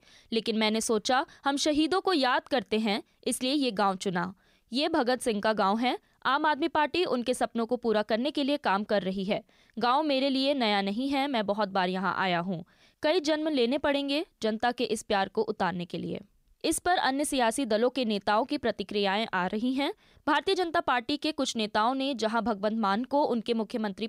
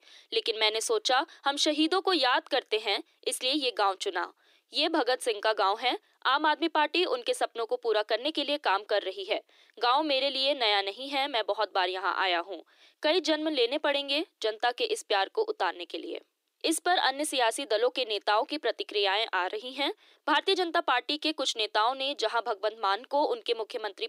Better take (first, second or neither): first